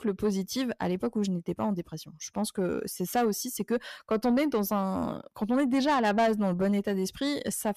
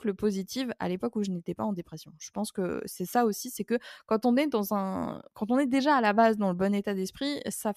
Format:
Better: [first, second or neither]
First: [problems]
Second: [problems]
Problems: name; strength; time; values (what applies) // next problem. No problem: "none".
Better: second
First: distortion; slight; 10 dB below the speech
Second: none